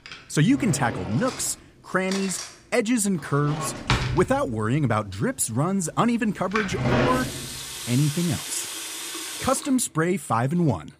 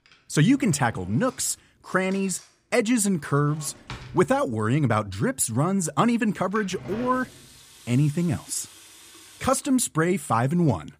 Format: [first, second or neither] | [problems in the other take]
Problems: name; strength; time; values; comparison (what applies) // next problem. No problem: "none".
second | household noises; loud; throughout; 5 dB below the speech; faint in the second